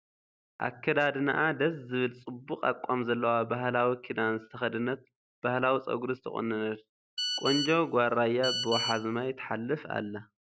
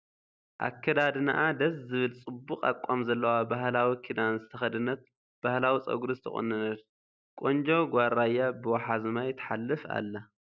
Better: second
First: background sound (Telephone); 5 dB below the speech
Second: none

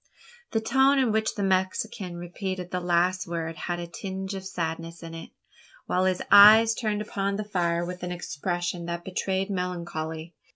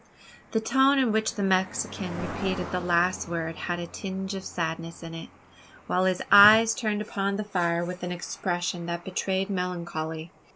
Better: first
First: none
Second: background sound (Cricket); 17 dB below the speech

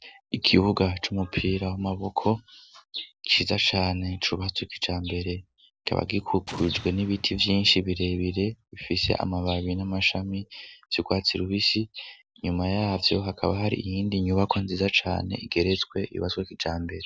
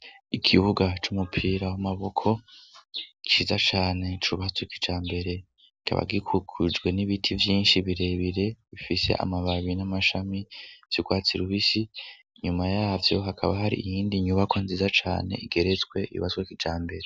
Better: second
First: background sound (Explosion); 15 dB below the speech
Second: none

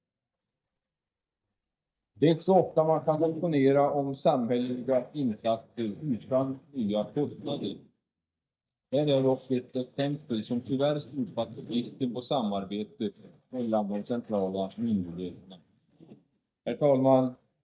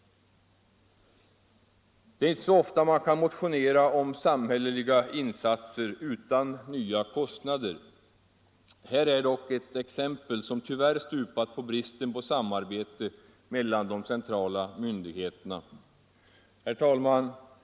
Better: second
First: noise reduction (neural mask model DeepFilterNet 3)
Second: none

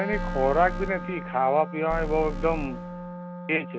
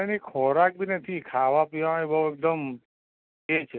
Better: second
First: background sound (Alarm + Wind instrument, woodwind instrument); 6 dB below the speech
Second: none

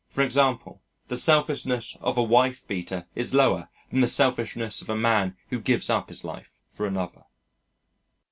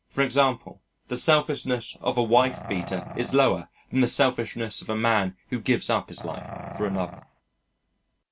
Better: first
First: none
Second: background sound (Growling); 11 dB below the speech

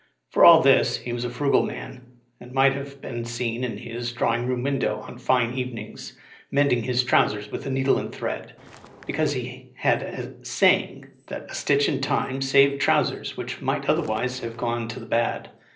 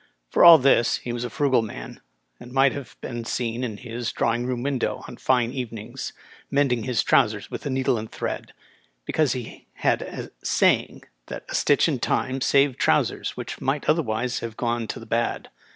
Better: second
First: noise reduction (neural separator model SepFormer DNS4)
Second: none

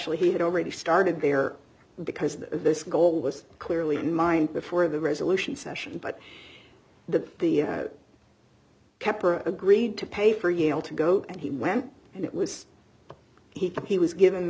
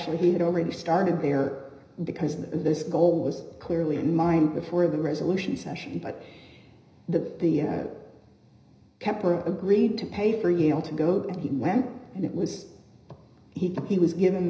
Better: first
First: none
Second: room echo; dies away in 0.9 s

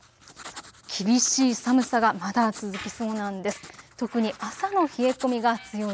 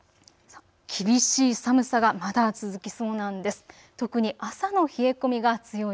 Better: second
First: background sound (Writing + Squeak); 18 dB below the speech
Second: none

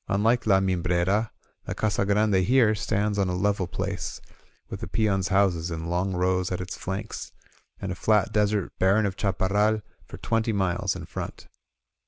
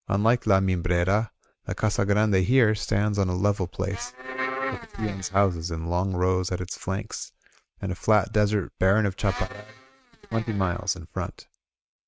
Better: first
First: none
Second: noise reduction (neural mask model RNNoise)

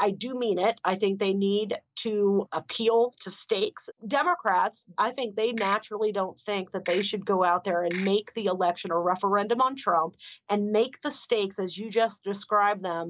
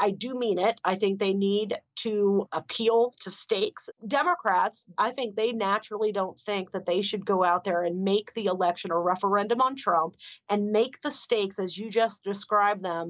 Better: second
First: background sound (Ratchet, pawl / Percussion); 12 dB below the speech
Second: none

